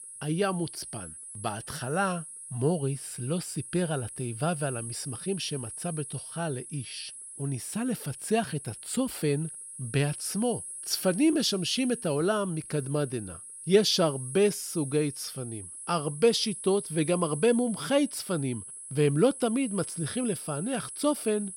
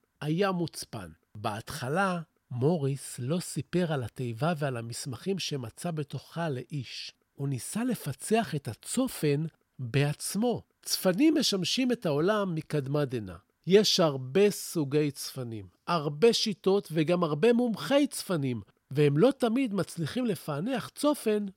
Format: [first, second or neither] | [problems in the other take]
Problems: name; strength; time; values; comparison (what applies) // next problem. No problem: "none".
second | high-pitched whine; loud; throughout; 10.5 kHz, 10 dB below the speech